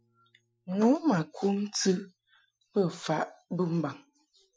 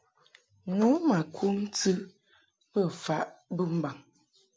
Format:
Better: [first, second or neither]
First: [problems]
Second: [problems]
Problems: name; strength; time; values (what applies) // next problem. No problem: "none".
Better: second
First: noise reduction (classical method Wiener filter)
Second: none